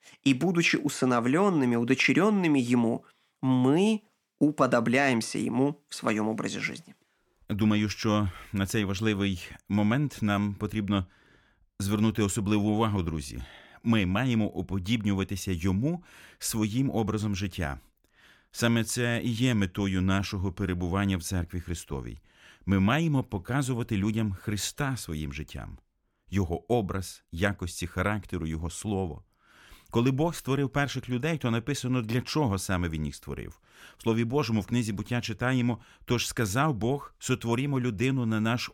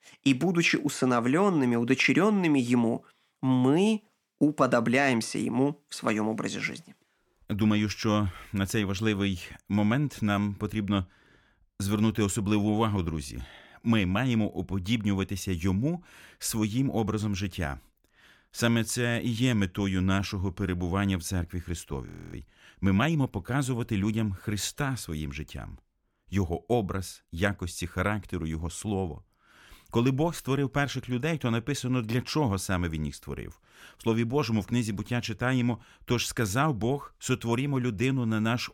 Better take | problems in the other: first | audio freezing; at 22 s

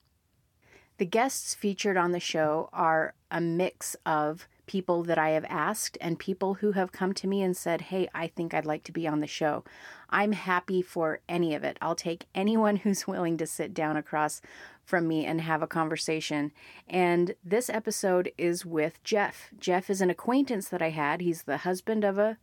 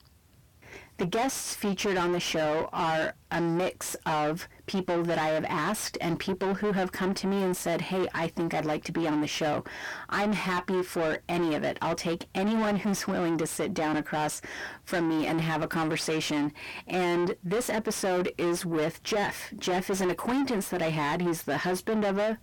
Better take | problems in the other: first | distortion; heavy; 6 dB below the speech

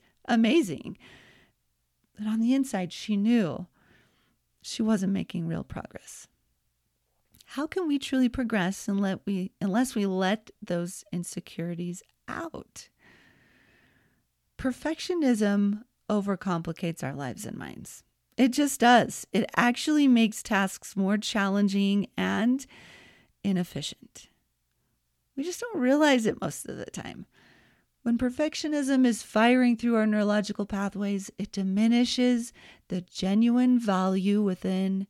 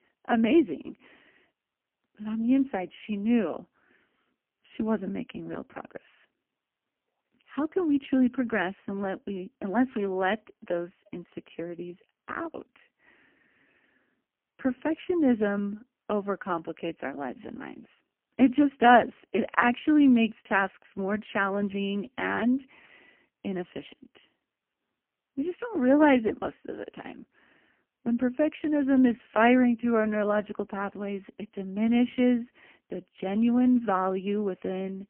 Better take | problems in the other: first | phone-call audio; poor line; nothing above 3 kHz

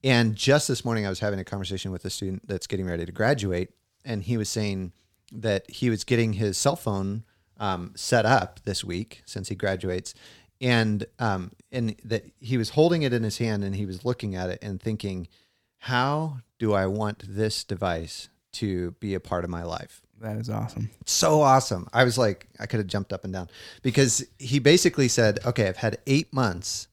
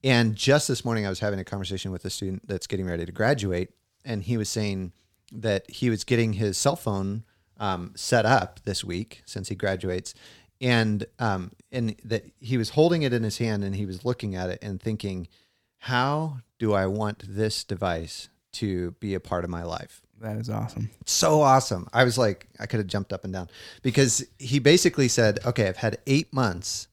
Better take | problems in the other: neither | none

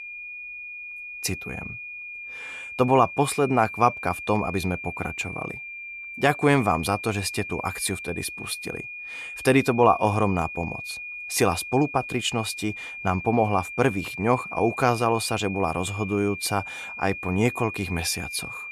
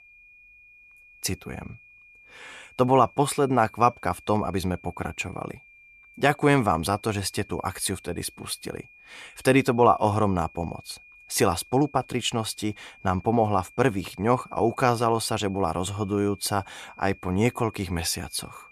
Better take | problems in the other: second | high-pitched whine; loud; throughout; 2.5 kHz, 9 dB below the speech; faint in the second

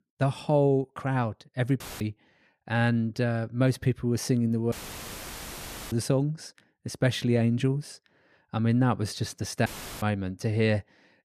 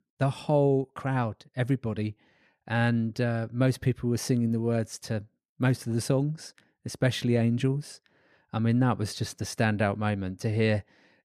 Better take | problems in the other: second | audio cutting out; filled with static; at 2 s, at 4.5 s for 1 s and at 9.5 s

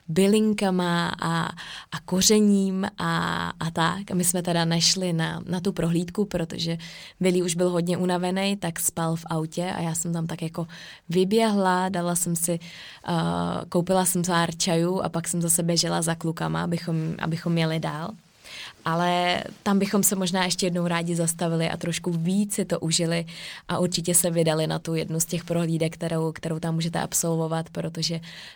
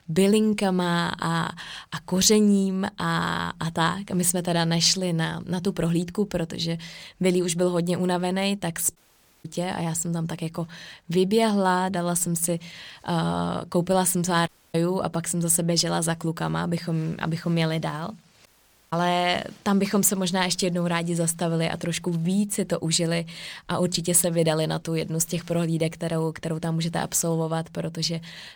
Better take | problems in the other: first | audio cutting out; at 9 s, at 14 s and at 18 s

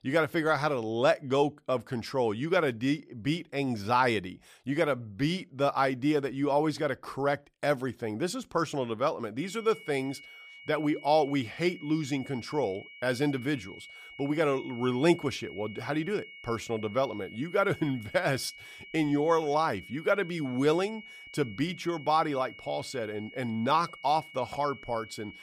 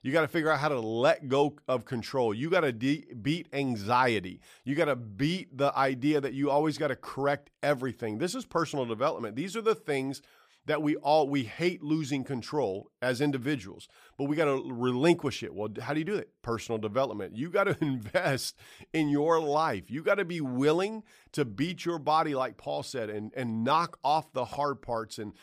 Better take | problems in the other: second | high-pitched whine; noticeable; from 9.5 s on; 2 kHz, 15 dB below the speech

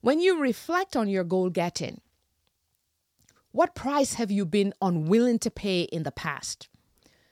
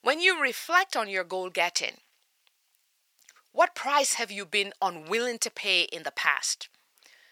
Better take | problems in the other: first | thin; very; fading below 850 Hz

